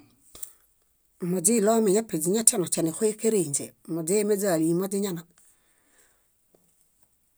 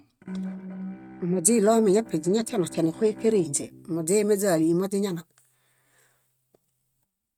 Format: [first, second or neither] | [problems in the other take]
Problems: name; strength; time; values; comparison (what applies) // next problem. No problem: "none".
first | noise reduction (neural mask model RNNoise)